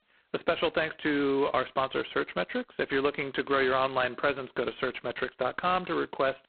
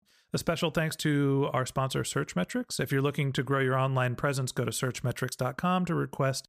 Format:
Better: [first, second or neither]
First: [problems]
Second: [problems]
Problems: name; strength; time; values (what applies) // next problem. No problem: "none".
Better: second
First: phone-call audio; poor line; nothing above 4 kHz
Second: none